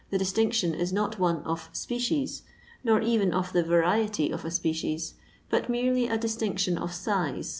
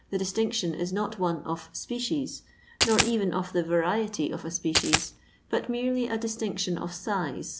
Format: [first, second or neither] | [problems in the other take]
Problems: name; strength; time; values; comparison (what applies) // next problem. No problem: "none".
first | background sound (Coin (dropping)); 3 dB above the speech